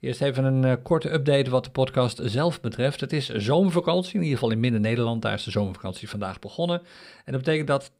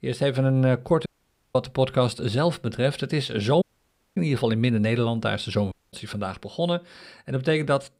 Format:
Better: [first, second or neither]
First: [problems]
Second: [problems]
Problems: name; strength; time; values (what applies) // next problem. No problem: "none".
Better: first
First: none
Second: audio cutting out; at 1 s, at 3.5 s for 0.5 s and at 5.5 s